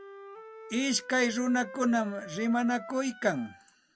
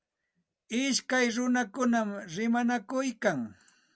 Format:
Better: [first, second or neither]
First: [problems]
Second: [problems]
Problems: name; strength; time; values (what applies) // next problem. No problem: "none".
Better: second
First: background sound (Wind instrument, woodwind instrument); 16 dB below the speech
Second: none